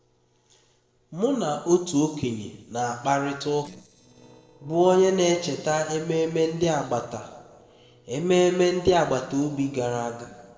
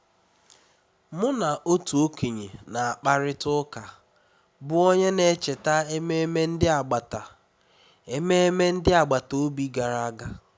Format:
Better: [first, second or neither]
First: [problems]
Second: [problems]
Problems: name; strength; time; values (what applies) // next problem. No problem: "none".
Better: second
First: noise reduction (neural separator model SepFormer DNS4)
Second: none